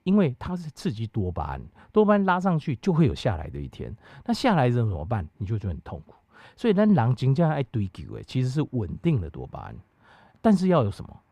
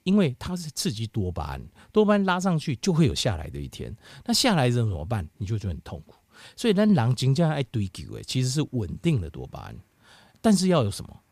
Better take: second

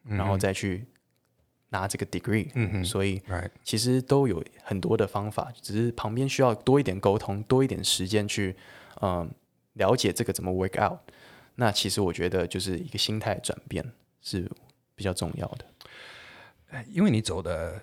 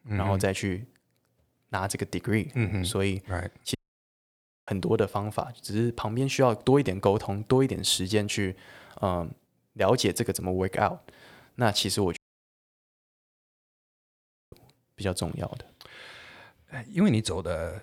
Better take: first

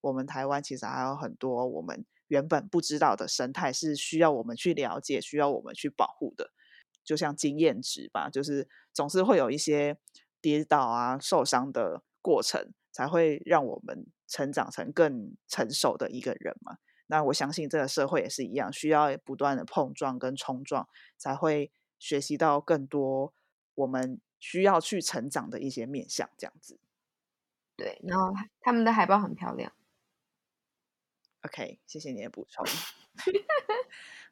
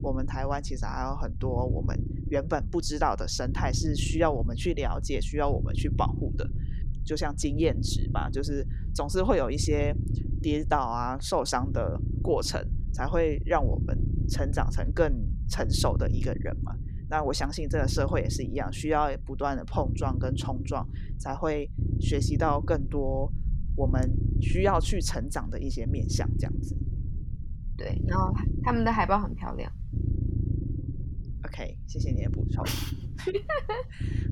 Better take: first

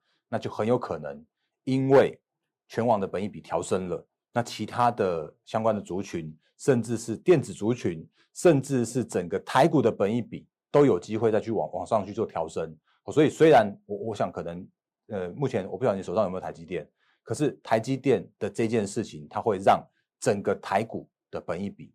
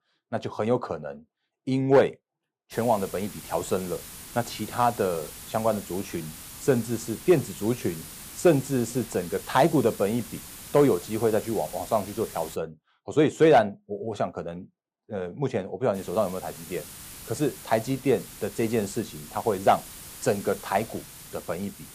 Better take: first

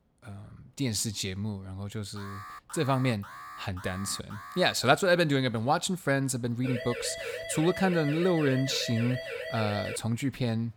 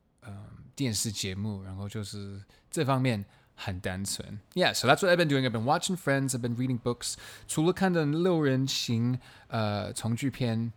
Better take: second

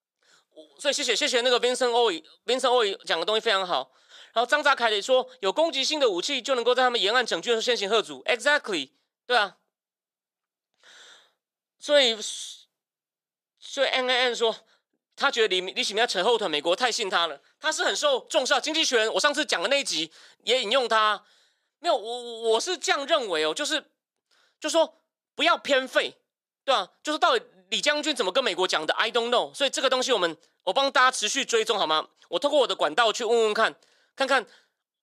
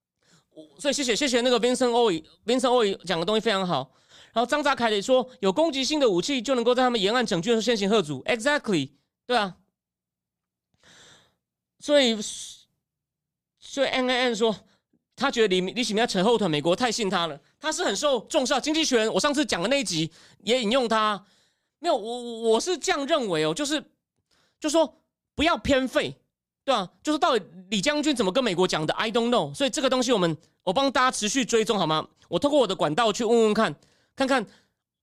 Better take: second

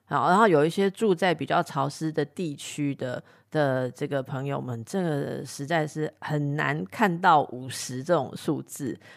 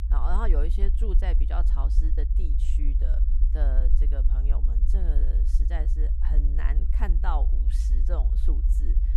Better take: first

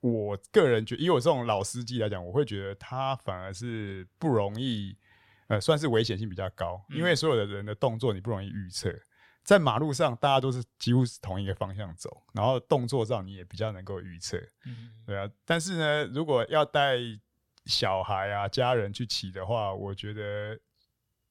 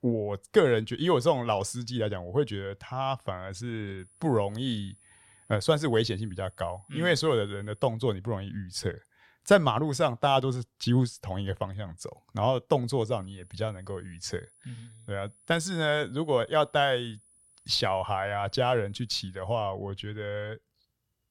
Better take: first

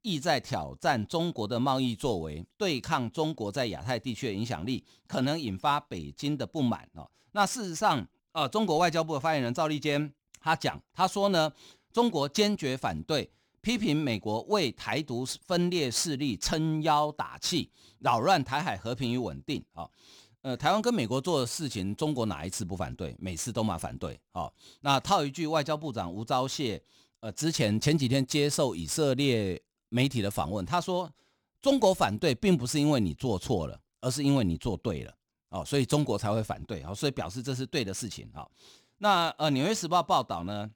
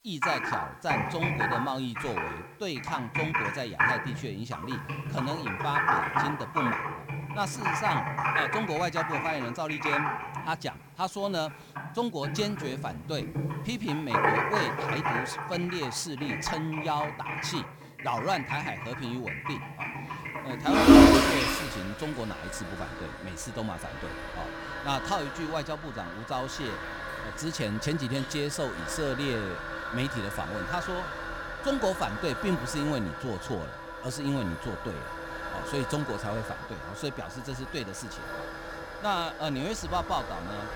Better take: first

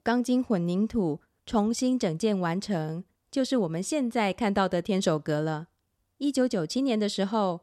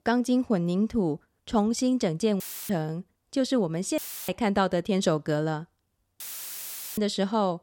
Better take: first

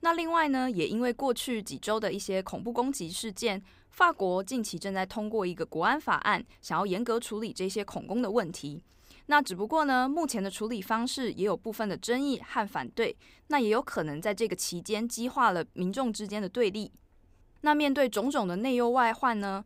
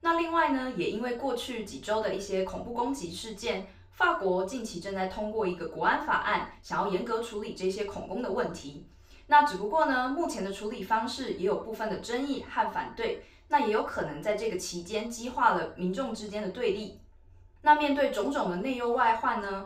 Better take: first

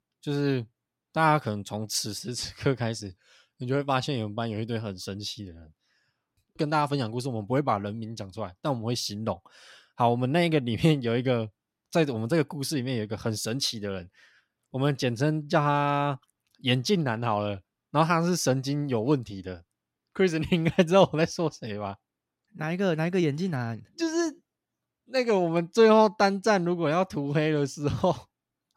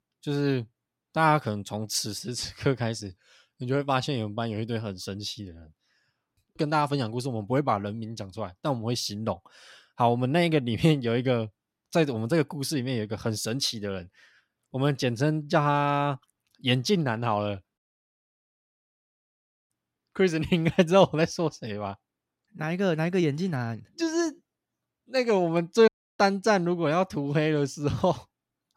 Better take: first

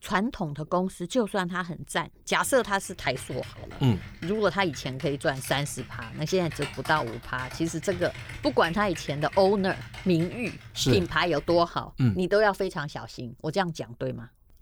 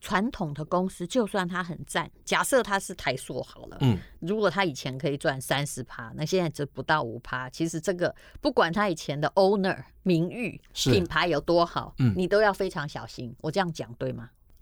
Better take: second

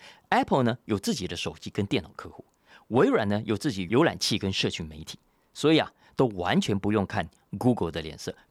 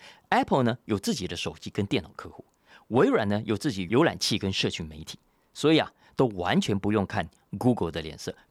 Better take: neither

